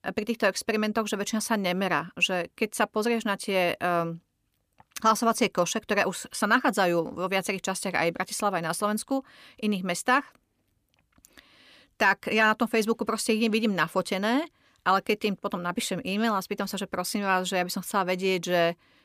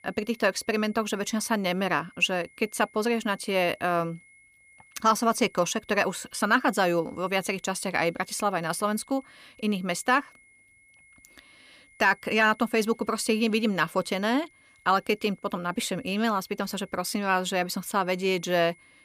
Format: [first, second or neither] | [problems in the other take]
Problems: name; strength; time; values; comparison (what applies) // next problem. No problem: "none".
first | high-pitched whine; faint; throughout; 2 kHz, 30 dB below the speech